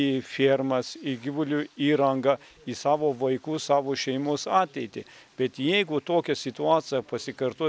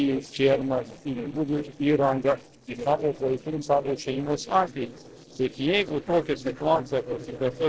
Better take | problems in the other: first | noise reduction (neural separator model SepFormer DNS4)

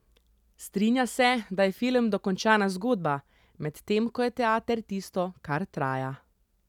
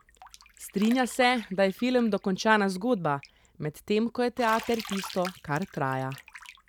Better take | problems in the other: first | background sound (Bathtub (filling or washing)); 18 dB below the speech

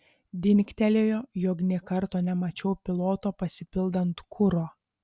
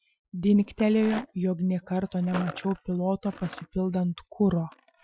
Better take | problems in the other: first | noise reduction (classical method Wiener filter)

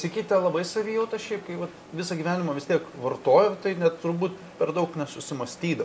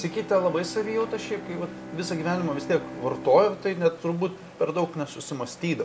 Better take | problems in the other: first | background sound (Bowed string instrument); 14 dB below the speech

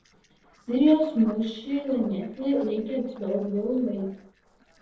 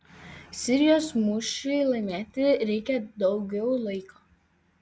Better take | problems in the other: second | noise reduction (neural separator model SepFormer DNS4)

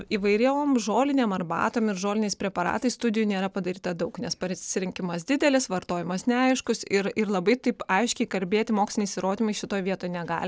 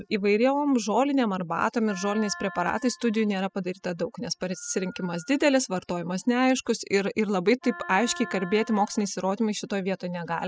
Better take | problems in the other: first | noise reduction (classical method spectral subtraction)

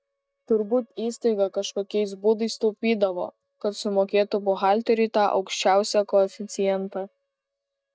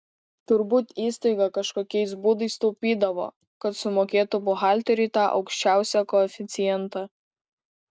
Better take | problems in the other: second | noise reduction (neural mask model DeepFilterNet 3)

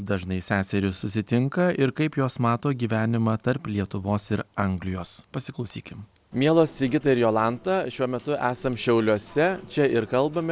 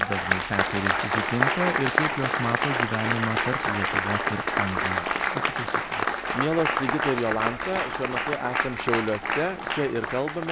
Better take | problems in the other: first | background sound (Applause); 2 dB above the speech

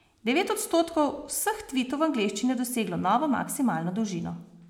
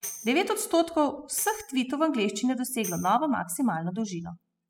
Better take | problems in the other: first | noise reduction (classical method spectral subtraction)

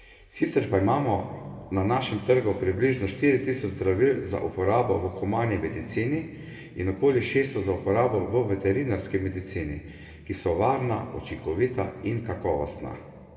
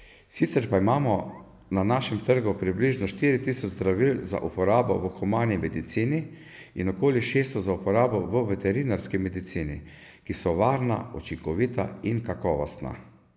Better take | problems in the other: second | room echo; dies away in 2 s

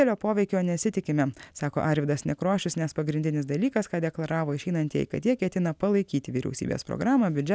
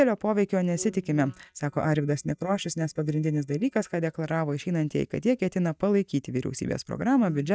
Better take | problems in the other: first | noise reduction (neural mask model DeepFilterNet 3)

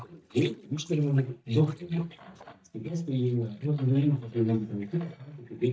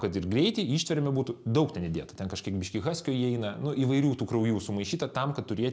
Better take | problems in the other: second | noise reduction (neural mask model DeepFilterNet 3)

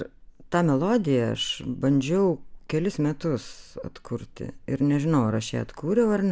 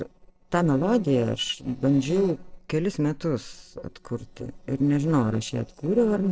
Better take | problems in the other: first | noise reduction (neural separator model SepFormer DNS4)

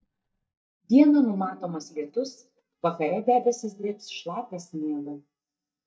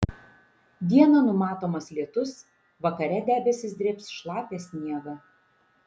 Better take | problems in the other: second | noise reduction (neural mask model DeepFilterNet 3)

